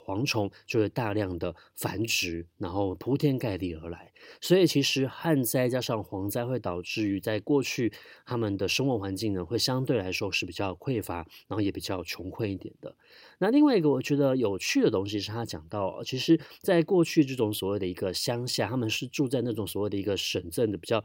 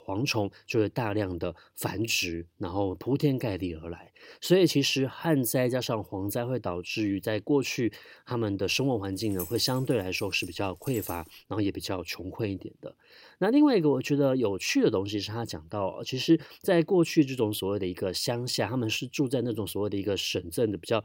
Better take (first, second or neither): first